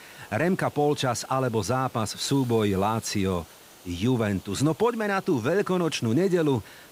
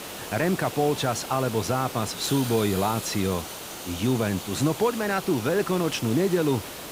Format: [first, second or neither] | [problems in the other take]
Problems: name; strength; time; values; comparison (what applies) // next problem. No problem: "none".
first | hiss; loud; throughout; 9 dB below the speech; faint in the first